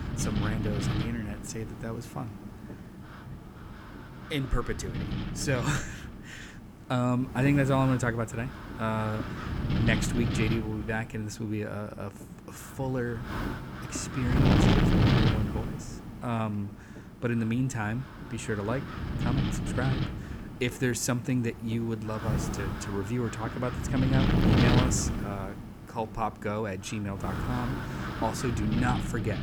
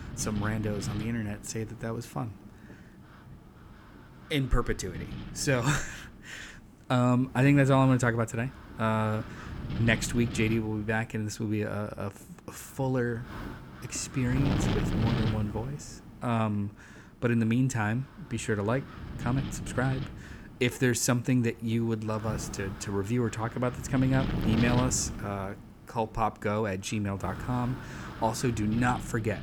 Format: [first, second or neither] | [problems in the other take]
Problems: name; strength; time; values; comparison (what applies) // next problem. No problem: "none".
second | wind noise on the microphone; heavy; 1 dB below the speech; occasional gusts in the second